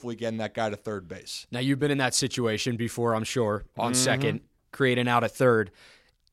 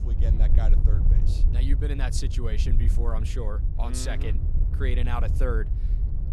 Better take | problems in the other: first | wind noise on the microphone; heavy; 7 dB below the speech

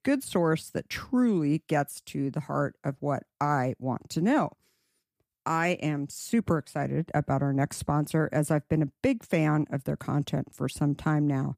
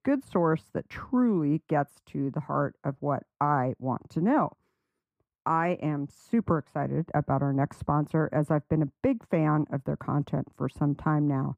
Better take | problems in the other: first | muffled; very; fading above 2.5 kHz

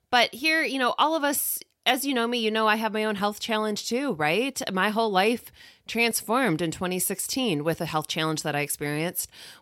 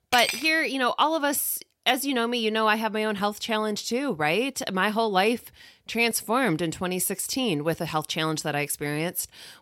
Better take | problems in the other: first | clattering dishes; noticeable; at the start; peak 3 dB below the speech

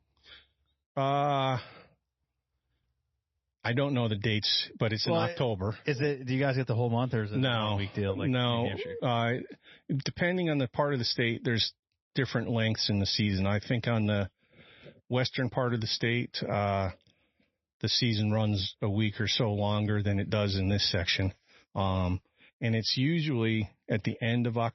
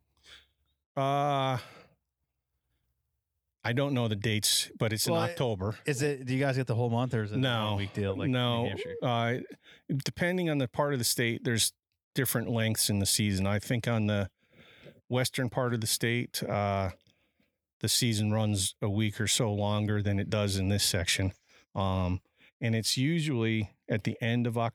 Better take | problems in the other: second | garbled, watery; slightly; nothing above 5.5 kHz

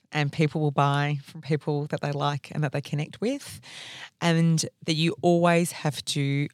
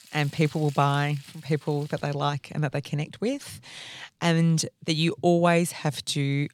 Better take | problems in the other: first | household noises; faint; until 4 s; 20 dB below the speech

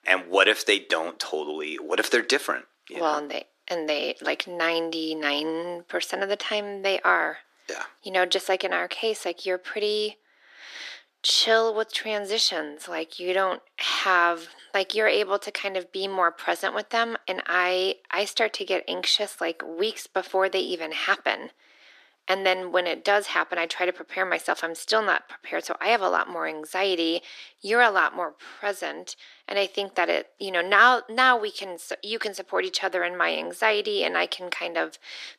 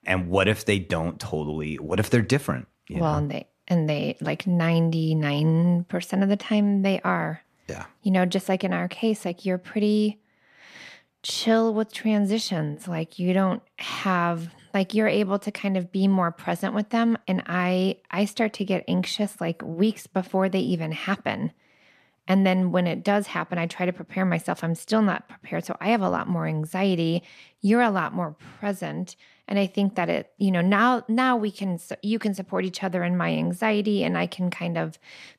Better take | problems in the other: second | thin; very; fading below 300 Hz

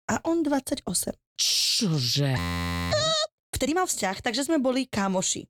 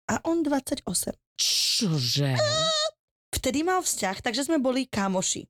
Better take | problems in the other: second | audio freezing; at 2.5 s for 0.5 s

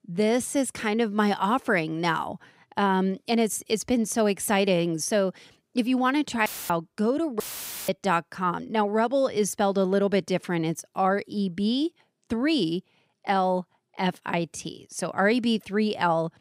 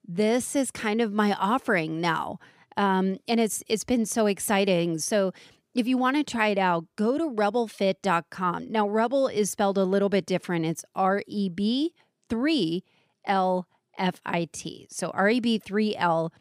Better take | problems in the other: second | audio cutting out; filled with static; at 6.5 s and at 7.5 s

